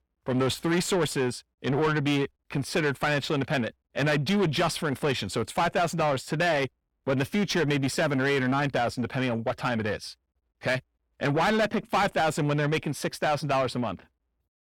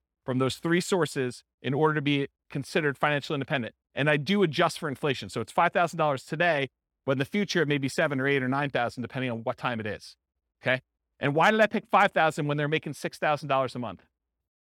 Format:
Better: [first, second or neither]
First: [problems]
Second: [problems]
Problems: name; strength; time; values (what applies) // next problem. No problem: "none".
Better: second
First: distortion; heavy; 7 dB below the speech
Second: none